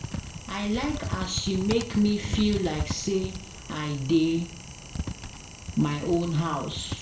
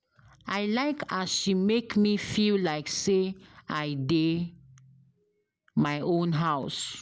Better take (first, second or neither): second